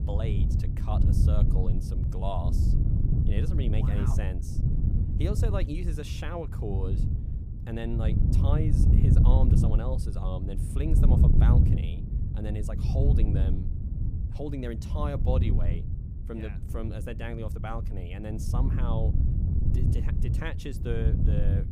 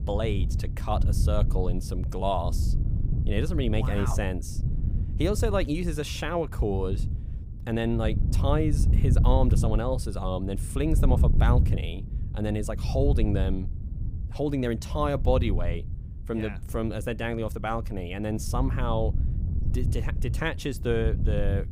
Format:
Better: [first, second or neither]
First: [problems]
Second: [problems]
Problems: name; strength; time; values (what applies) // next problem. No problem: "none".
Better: second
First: wind noise on the microphone; heavy; 2 dB below the speech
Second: wind noise on the microphone; occasional gusts; 10 dB below the speech